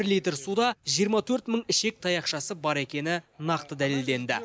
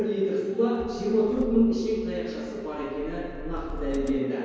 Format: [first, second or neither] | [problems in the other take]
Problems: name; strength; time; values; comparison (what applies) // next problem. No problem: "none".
first | background sound (Motor vehicle (road)); 12 dB below the speech // room echo; dies away in 2.2 s